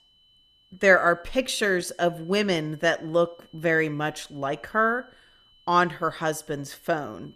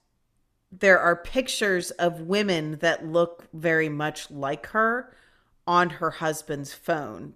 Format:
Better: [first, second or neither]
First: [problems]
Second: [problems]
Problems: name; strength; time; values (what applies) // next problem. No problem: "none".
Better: second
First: high-pitched whine; faint; throughout; 3 kHz, 35 dB below the speech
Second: none